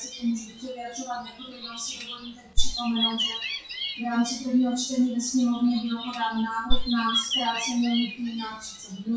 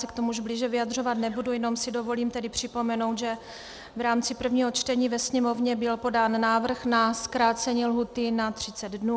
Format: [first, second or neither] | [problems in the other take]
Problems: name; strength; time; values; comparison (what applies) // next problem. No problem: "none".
second | noise reduction (classical method WPE with log-MMSE)